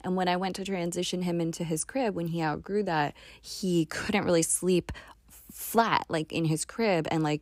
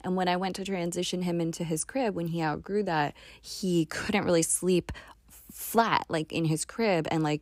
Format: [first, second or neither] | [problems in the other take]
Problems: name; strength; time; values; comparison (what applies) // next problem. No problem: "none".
neither | none